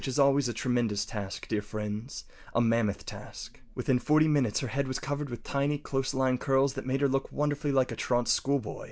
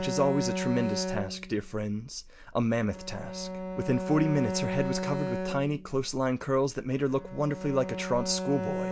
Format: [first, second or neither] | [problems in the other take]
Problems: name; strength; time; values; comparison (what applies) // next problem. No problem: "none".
first | background sound (Bowed string instrument); 5 dB below the speech